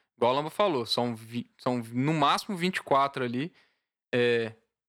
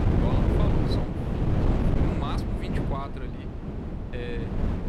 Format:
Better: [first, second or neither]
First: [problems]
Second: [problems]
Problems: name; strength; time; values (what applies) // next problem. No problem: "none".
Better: first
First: none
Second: wind noise on the microphone; heavy; 4 dB above the speech